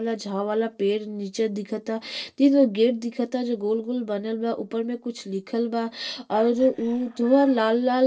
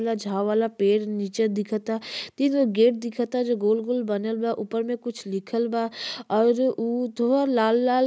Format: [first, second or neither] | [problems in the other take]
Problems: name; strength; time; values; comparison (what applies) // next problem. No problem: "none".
second | noise reduction (neural separator model SepFormer DNS4)